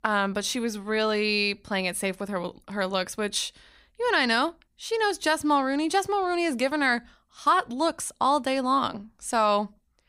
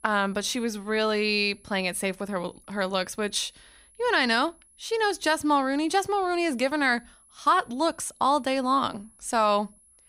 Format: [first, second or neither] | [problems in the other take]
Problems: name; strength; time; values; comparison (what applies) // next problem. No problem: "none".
first | high-pitched whine; faint; throughout; 10.5 kHz, 30 dB below the speech